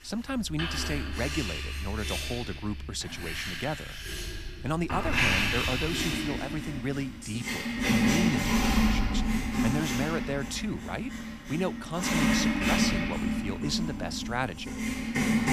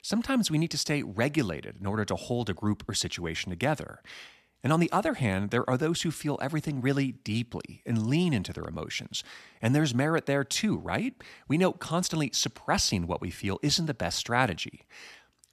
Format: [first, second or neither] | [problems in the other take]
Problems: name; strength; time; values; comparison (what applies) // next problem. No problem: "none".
second | household noises; very loud; throughout; 4 dB above the speech